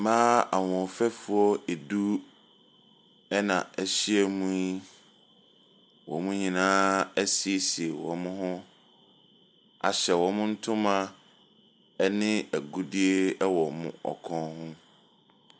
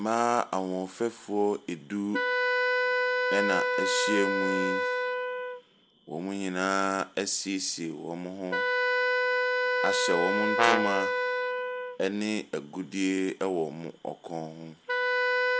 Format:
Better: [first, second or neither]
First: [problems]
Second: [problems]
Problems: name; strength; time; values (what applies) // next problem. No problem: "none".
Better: first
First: none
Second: background sound (Brass instrument + Wind instrument, woodwind instrument); 2 dB above the speech